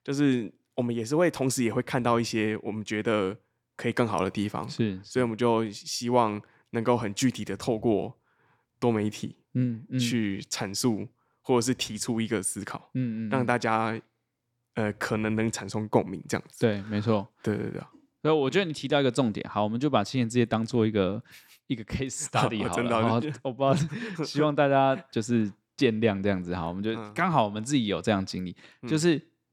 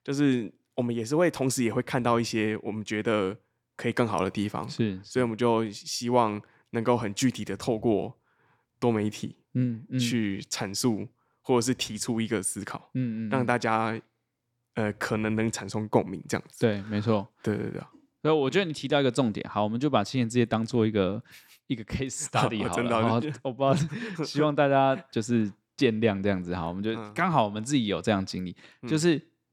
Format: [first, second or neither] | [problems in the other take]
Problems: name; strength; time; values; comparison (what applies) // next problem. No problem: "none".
neither | none